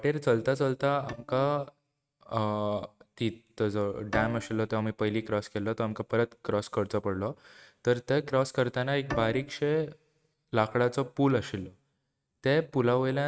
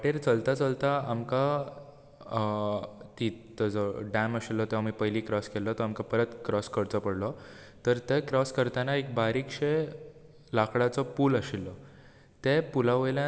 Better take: second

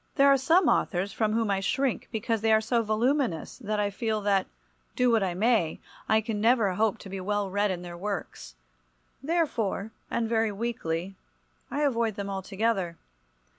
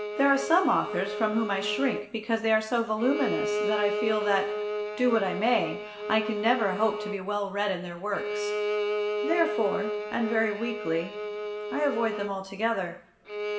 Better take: first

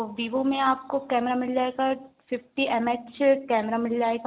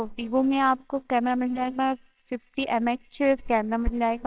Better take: first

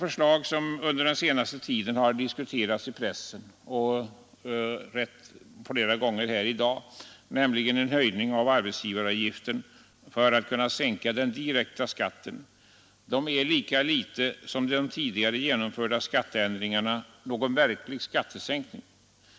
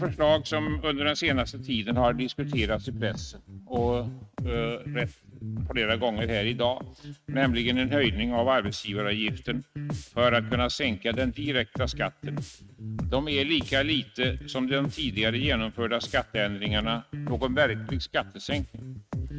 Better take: first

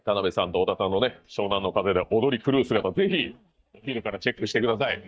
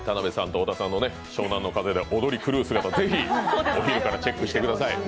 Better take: second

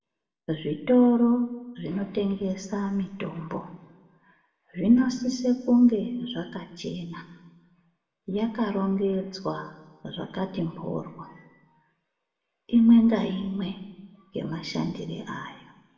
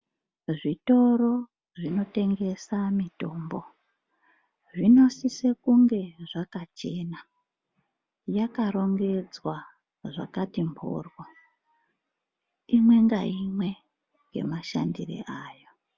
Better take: second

